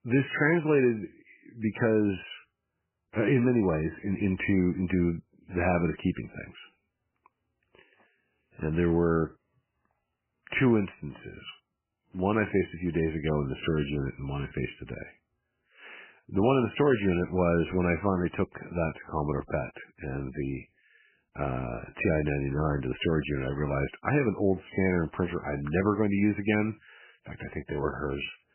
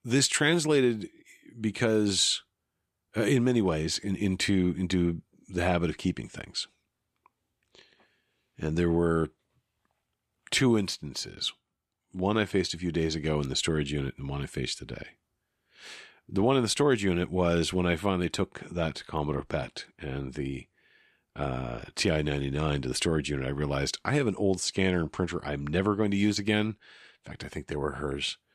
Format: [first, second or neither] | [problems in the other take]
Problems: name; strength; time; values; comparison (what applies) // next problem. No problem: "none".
second | garbled, watery; badly; nothing above 3 kHz